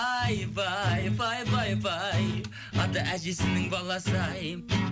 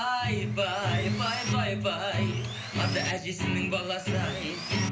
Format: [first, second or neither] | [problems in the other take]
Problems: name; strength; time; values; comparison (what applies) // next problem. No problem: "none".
first | background sound (Sawing); 12 dB below the speech // room echo; dies away in 0.5 s